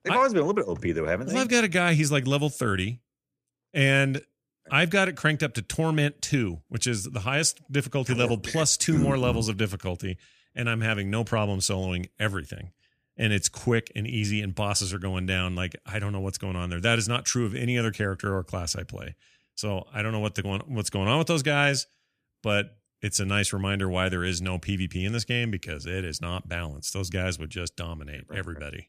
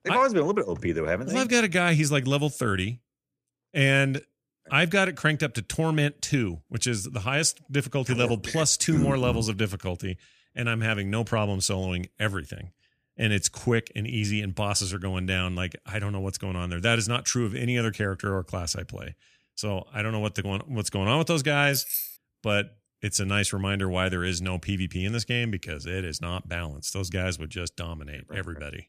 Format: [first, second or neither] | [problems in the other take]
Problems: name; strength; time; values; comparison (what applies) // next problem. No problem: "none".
first | jangling keys; noticeable; at 22 s; peak 2 dB below the speech